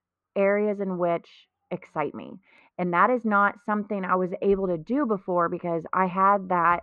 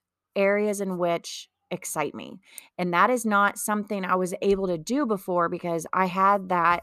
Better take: second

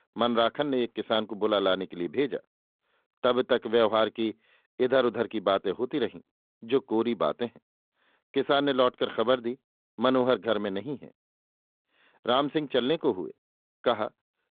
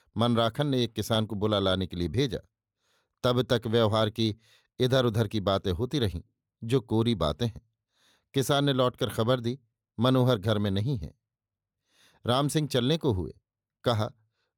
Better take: second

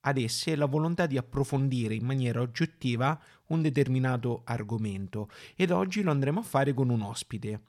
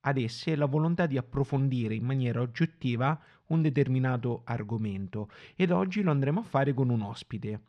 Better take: first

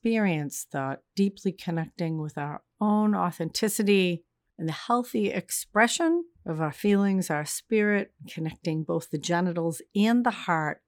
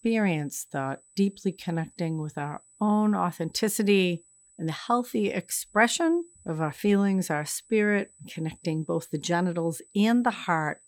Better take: first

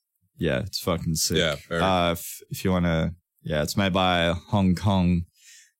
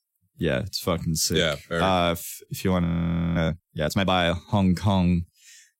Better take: first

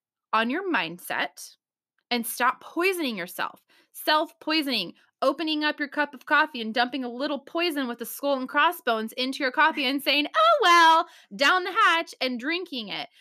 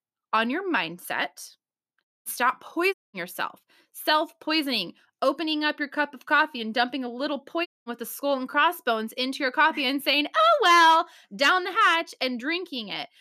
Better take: first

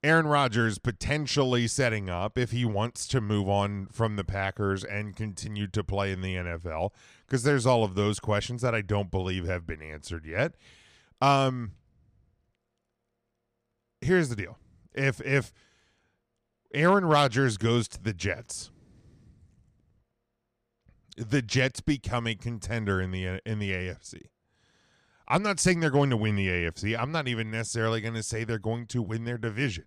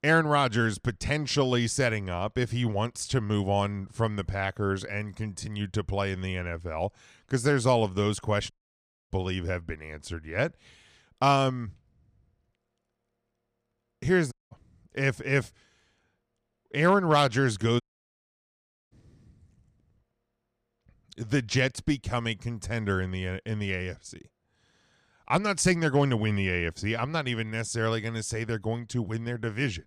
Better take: first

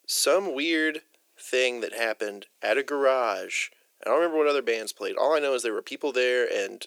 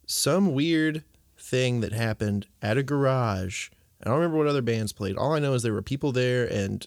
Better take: second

